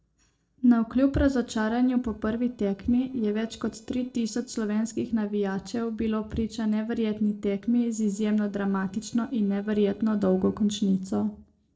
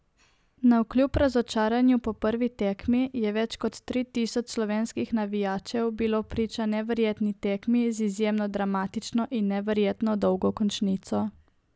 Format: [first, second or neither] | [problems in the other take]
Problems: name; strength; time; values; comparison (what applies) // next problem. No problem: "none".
second | noise reduction (neural separator model SepFormer DNS4)